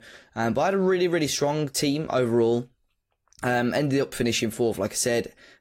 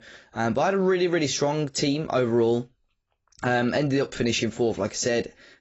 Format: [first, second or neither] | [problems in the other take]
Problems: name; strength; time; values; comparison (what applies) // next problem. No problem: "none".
first | garbled, watery; badly; nothing above 7.5 kHz; slightly in the first